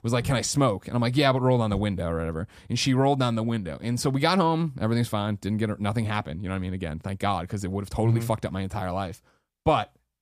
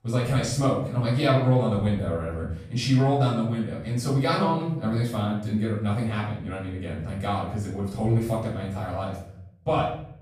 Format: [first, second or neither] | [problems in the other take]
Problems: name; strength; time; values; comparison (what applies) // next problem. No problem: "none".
first | off-mic speech; far // room echo; noticeable; dies away in 0.7 s